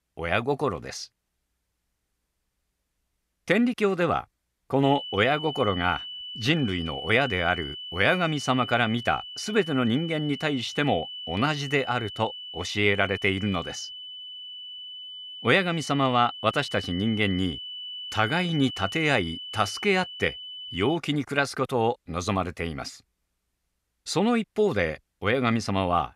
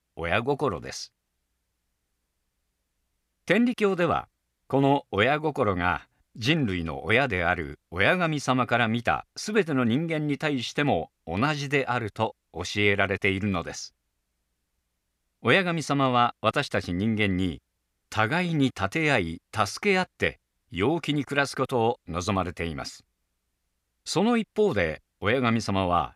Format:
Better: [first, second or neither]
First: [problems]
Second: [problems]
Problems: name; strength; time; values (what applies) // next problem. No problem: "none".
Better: second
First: high-pitched whine; noticeable; from 5 to 21 s; 3 kHz, 10 dB below the speech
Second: none